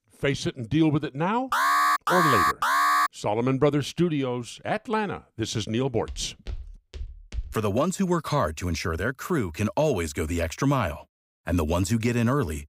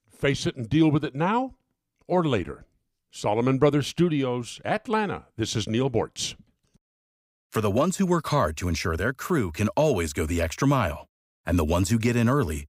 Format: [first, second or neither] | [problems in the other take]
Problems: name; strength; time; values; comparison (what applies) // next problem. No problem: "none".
second | alarm; loud; from 1.5 to 3 s; peak 6 dB above the speech // footsteps; faint; from 6 to 7.5 s; peak 10 dB below the speech